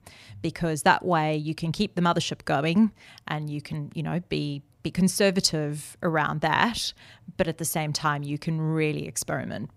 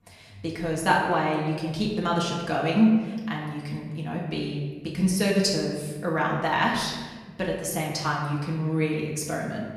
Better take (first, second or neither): first